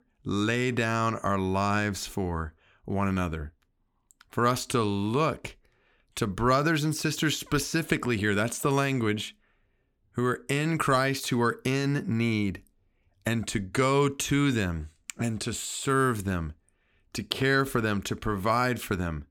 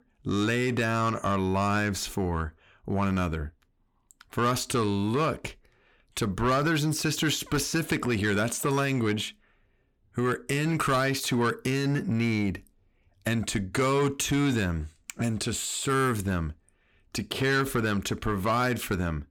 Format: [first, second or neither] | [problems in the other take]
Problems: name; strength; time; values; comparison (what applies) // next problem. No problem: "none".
first | distortion; slight; 10 dB below the speech